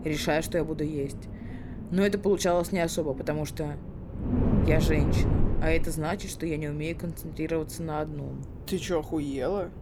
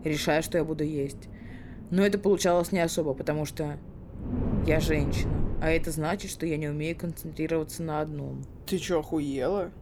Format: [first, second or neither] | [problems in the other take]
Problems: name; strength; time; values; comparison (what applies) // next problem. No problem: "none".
second | wind noise on the microphone; heavy; 10 dB below the speech; occasional gusts in the second